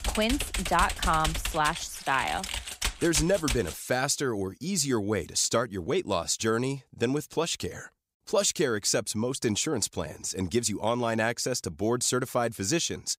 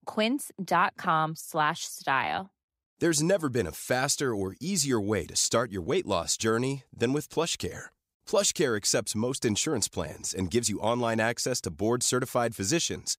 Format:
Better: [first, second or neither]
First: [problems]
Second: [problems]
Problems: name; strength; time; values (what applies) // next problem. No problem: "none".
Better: second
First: keyboard typing; noticeable; until 3.5 s; peak 2 dB below the speech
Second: none